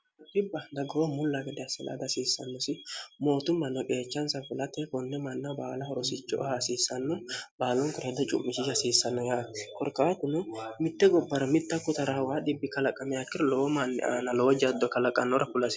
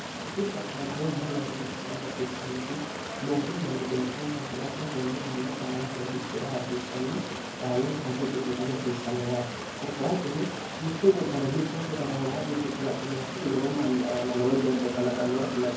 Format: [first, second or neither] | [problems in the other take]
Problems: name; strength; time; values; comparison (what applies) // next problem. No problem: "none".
first | background sound (Stream); 6 dB below the speech // room echo; dies away in 0.9 s